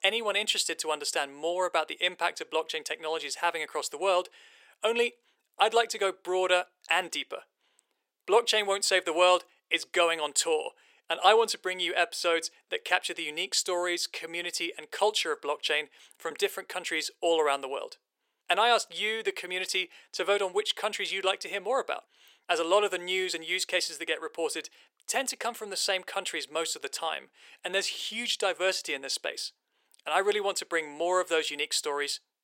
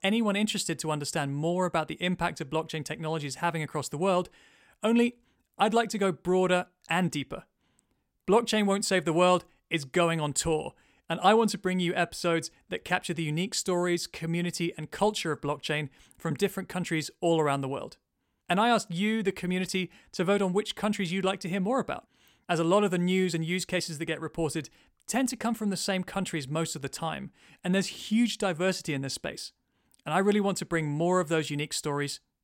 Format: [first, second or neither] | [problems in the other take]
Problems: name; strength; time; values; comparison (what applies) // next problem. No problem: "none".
second | thin; very; fading below 450 Hz